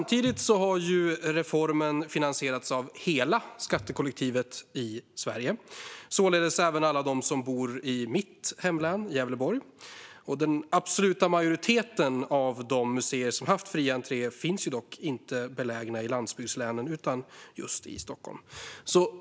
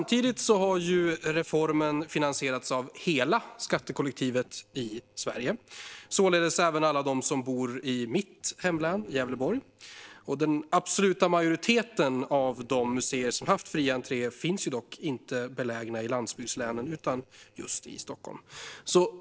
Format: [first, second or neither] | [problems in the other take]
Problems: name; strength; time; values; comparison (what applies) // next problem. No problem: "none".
first | noise reduction (neural separator model SepFormer DNS4)